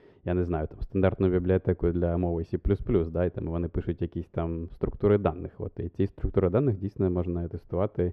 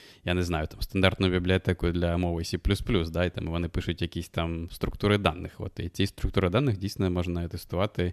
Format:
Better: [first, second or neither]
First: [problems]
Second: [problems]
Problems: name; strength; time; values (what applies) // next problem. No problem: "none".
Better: second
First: muffled; very; fading above 2.5 kHz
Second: none